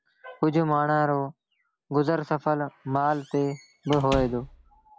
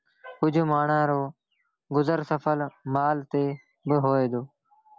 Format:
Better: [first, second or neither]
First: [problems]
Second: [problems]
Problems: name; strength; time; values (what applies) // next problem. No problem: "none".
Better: second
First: background sound (Squeak / Slam); 13 dB below the speech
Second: none